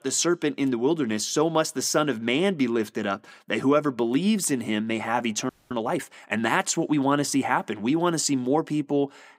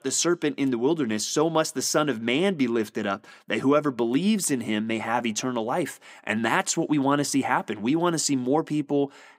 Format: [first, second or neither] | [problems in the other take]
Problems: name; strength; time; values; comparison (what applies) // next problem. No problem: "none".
second | audio freezing; at 5.5 s